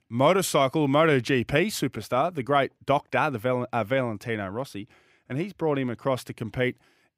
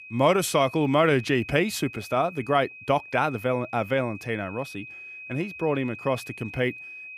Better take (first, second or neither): first